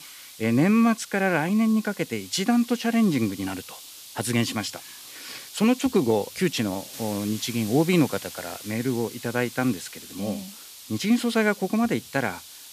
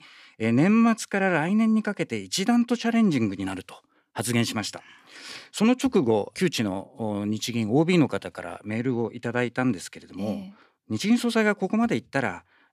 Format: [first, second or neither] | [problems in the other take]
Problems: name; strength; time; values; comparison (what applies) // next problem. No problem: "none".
second | hiss; noticeable; throughout; 15 dB below the speech